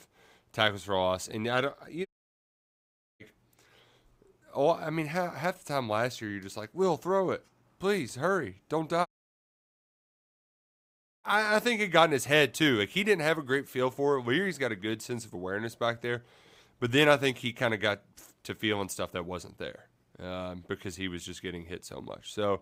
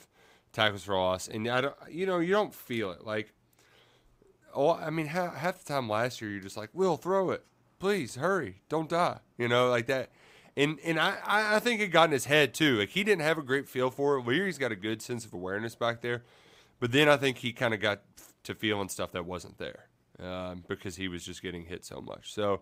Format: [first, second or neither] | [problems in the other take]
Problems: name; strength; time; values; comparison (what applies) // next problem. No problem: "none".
second | audio cutting out; at 2 s for 1 s and at 9 s for 2 s